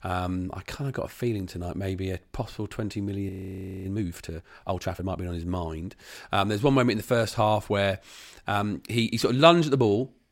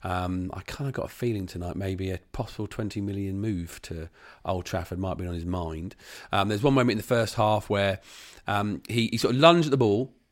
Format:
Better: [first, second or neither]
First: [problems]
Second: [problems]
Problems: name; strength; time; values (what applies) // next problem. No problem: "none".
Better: second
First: audio freezing; at 3.5 s for 0.5 s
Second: none